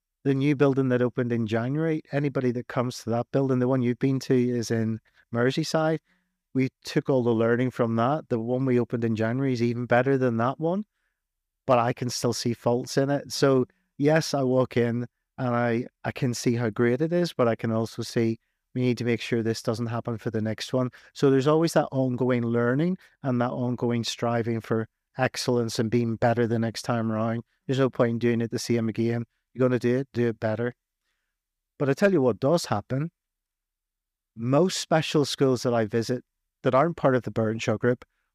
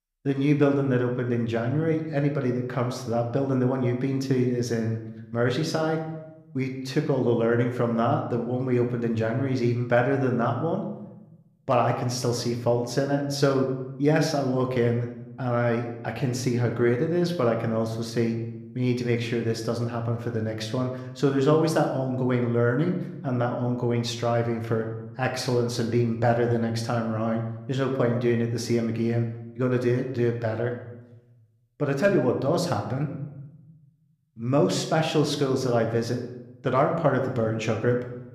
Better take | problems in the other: first | room echo; slight; dies away in 0.8 s

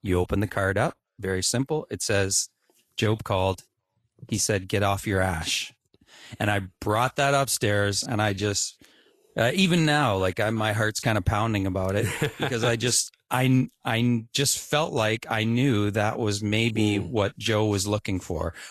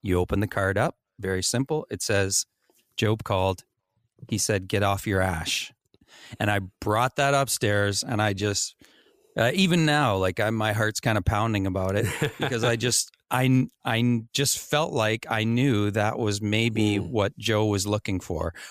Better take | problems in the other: second | garbled, watery; slightly; nothing above 13 kHz

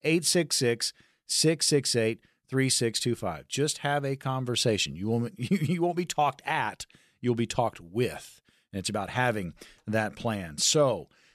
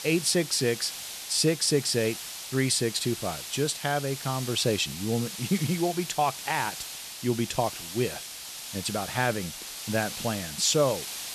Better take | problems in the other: first | hiss; loud; throughout; 8 dB below the speech

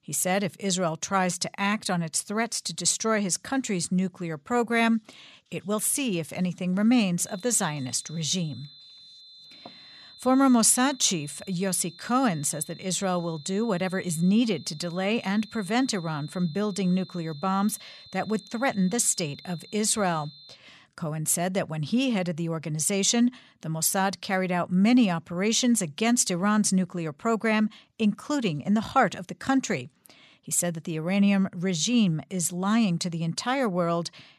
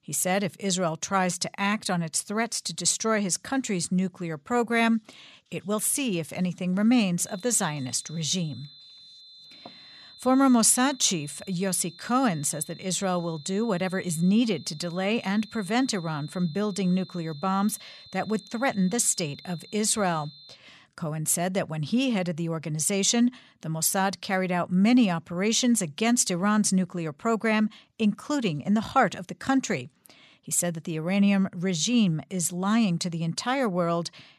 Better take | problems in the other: neither | high-pitched whine; faint; from 7.5 to 21 s; 4 kHz, 20 dB below the speech; the same in both

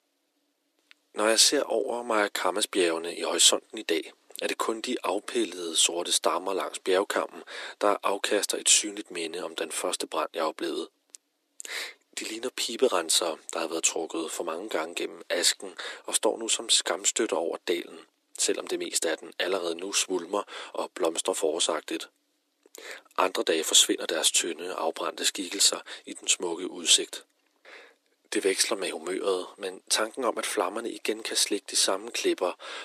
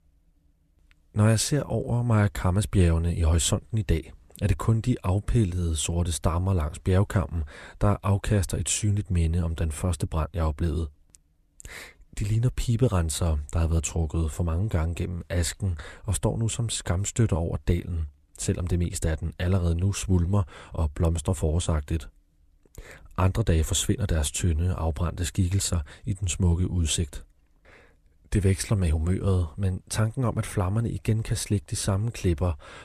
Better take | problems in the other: second | thin; very; fading below 300 Hz

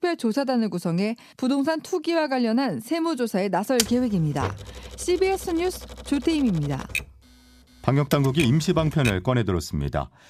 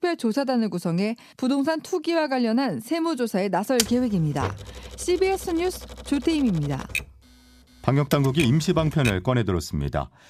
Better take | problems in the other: neither | keyboard typing; noticeable; from 4 to 9 s; peak 1 dB below the speech; the same in both

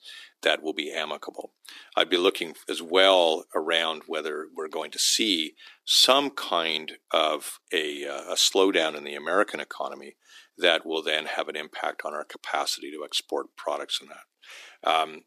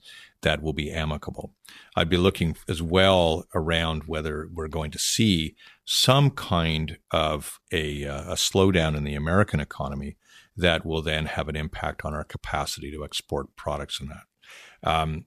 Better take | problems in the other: second | thin; somewhat; fading below 300 Hz

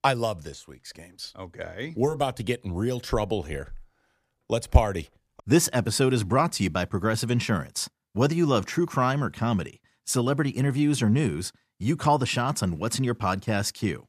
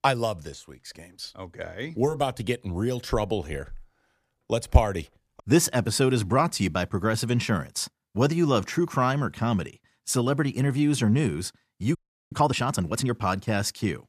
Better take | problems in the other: first | audio freezing; at 12 s

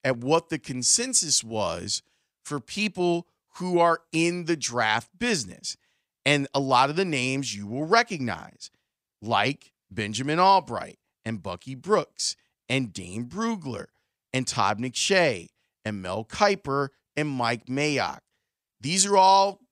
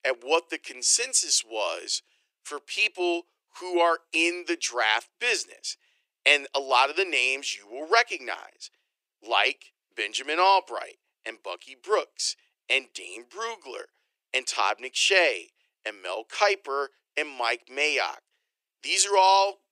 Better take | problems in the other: first | thin; very; fading below 350 Hz

